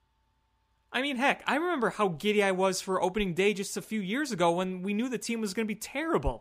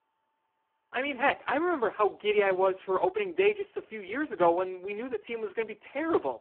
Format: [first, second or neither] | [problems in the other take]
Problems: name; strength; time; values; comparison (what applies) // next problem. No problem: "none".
first | phone-call audio; poor line